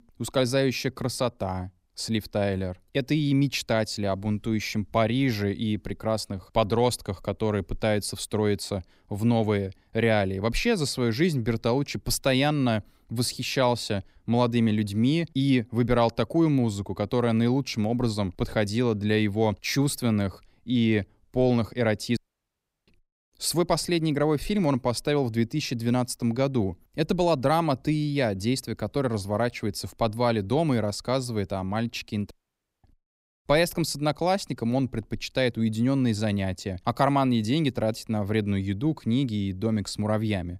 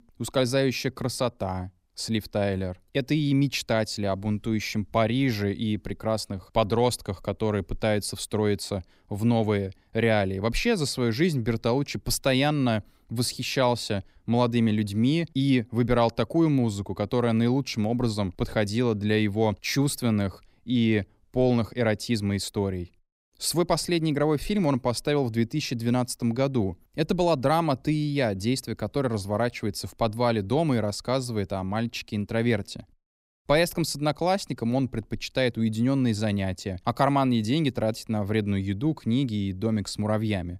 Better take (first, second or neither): second